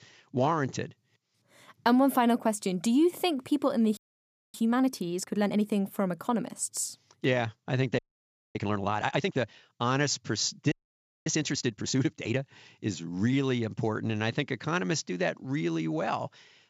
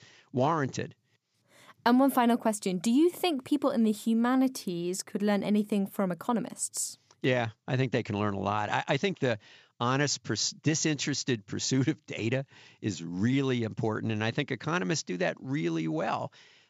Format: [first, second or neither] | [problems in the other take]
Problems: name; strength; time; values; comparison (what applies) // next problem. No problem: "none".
second | audio freezing; at 4 s for 0.5 s, at 8 s for 0.5 s and at 11 s for 0.5 s